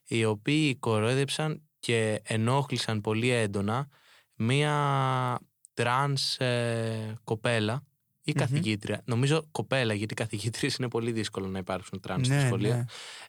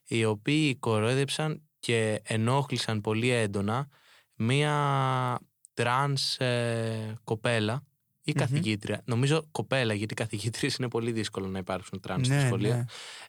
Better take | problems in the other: neither | none

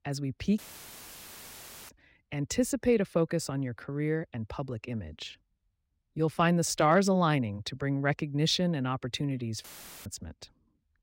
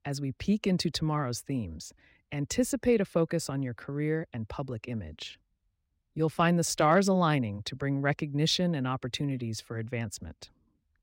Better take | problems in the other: second | audio cutting out; filled with static; at 0.5 s for 1.5 s and at 9.5 s

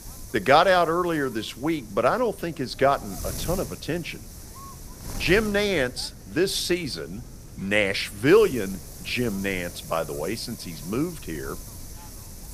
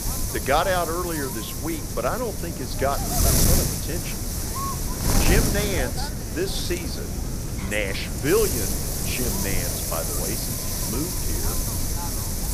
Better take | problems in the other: first | wind noise on the microphone; heavy; 2 dB below the speech; occasional gusts in the first

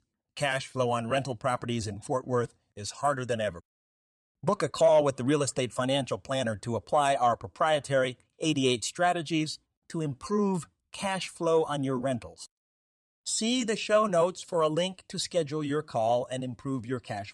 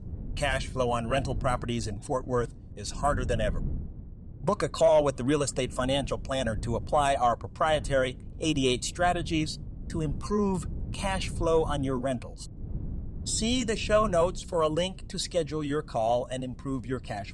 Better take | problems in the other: first | wind noise on the microphone; occasional gusts; 25 dB below the speech

